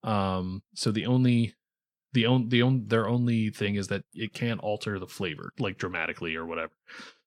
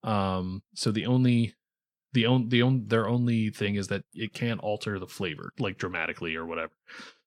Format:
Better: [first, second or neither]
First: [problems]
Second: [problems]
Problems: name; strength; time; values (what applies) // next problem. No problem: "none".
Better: neither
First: none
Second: none